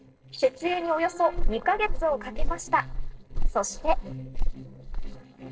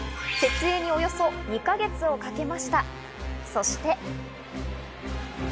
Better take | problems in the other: second | noise reduction (neural separator model SepFormer DNS4)

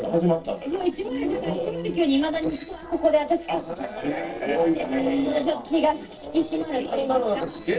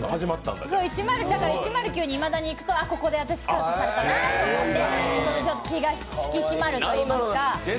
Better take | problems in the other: second | noise reduction (neural separator model SepFormer DNS4)

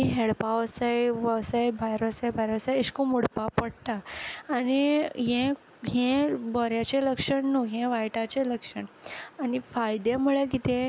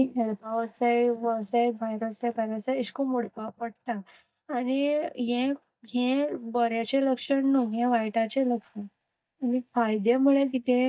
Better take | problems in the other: first | noise reduction (neural mask model DeepFilterNet 3)

